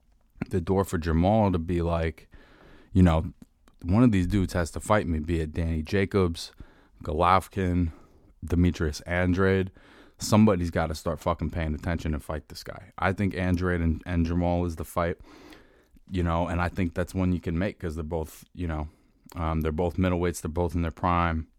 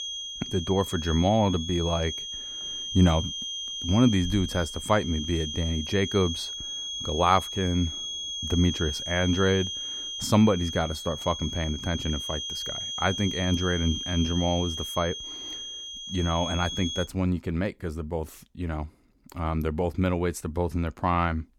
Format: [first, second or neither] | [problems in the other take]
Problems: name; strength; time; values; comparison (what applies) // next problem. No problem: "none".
first | high-pitched whine; loud; until 17 s; 3.5 kHz, 5 dB below the speech